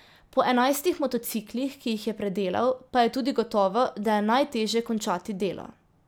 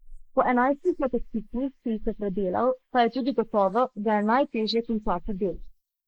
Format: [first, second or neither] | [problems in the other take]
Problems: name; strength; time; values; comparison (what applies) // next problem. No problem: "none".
first | noise reduction (neural mask model Resemble Enhance denoiser)